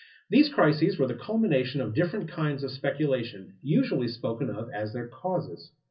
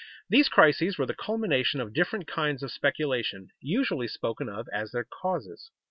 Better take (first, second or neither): second